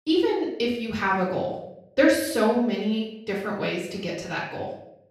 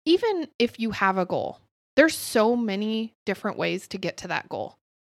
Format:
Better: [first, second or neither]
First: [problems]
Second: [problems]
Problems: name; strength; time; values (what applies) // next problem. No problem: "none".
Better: second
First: room echo; noticeable; dies away in 0.6 s // off-mic speech; far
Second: none